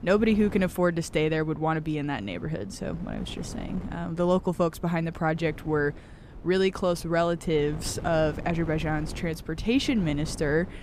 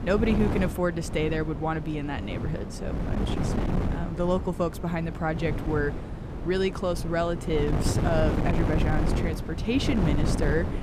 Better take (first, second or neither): first